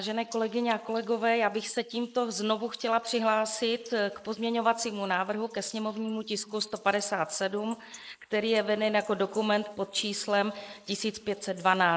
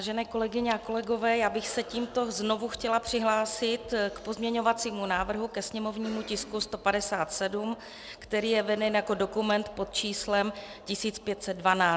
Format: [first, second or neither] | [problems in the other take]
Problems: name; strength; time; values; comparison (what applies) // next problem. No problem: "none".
second | noise reduction (neural mask model Resemble Enhance denoiser)